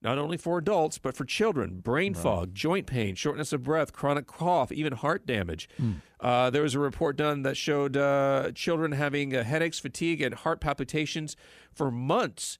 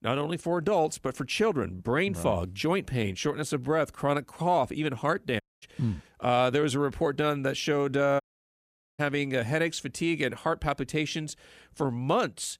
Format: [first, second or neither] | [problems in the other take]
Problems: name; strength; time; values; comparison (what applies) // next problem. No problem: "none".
first | audio cutting out; at 5.5 s and at 8 s for 1 s